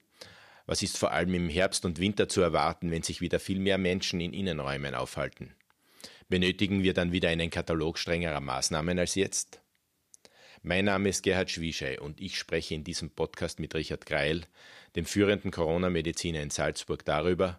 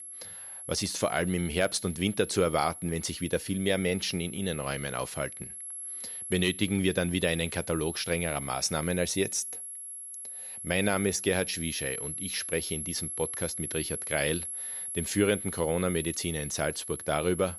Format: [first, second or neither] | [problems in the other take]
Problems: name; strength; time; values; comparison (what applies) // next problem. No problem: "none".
first | high-pitched whine; loud; throughout; 11 kHz, 7 dB below the speech